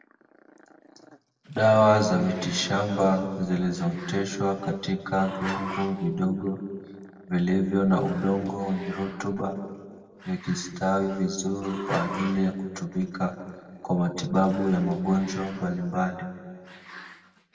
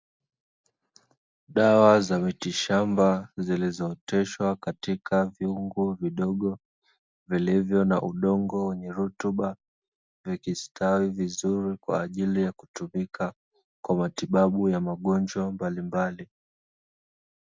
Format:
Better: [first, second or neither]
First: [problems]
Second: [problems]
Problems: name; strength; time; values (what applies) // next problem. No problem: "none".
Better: second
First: background sound (Growling); 17 dB below the speech // room echo; dies away in 1.8 s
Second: none